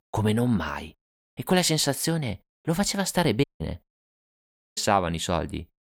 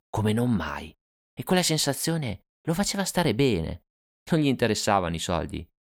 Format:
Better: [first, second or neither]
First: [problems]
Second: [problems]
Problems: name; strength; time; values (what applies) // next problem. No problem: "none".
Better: second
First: audio cutting out; at 3.5 s and at 4 s for 0.5 s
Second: none